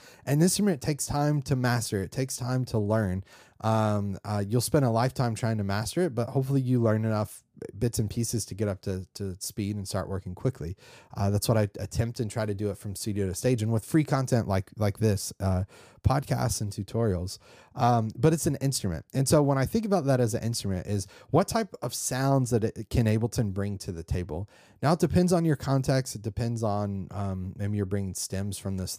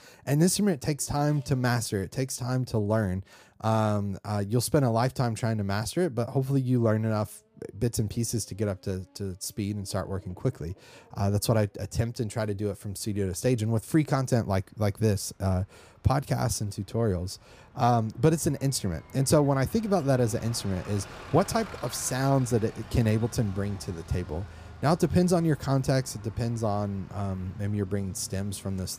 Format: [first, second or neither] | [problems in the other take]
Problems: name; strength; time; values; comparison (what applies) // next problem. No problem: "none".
first | traffic noise; noticeable; throughout; 20 dB below the speech